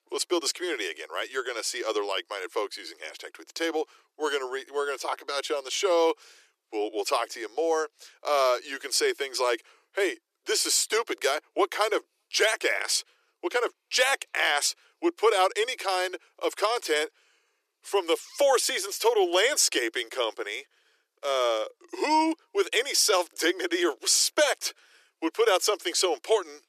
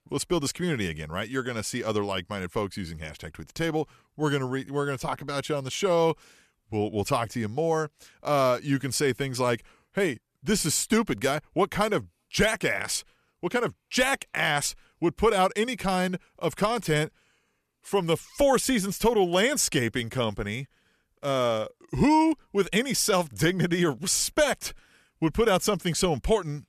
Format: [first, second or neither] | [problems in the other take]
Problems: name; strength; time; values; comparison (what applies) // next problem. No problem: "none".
second | thin; very; fading below 350 Hz